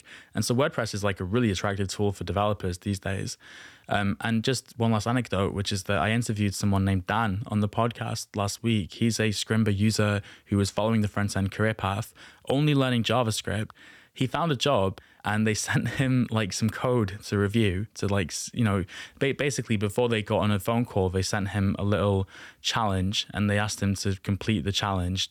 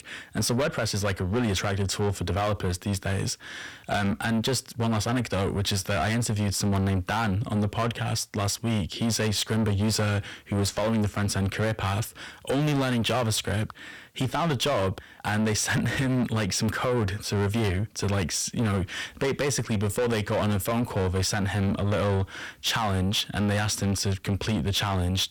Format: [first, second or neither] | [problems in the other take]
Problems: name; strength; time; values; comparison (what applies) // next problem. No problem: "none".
first | distortion; heavy; 7 dB below the speech